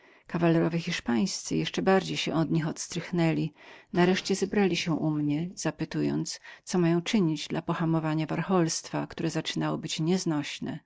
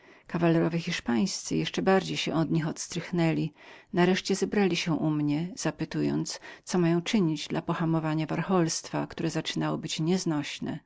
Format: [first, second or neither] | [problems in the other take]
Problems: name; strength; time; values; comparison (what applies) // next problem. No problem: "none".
second | noise reduction (neural mask model DeepFilterNet 3)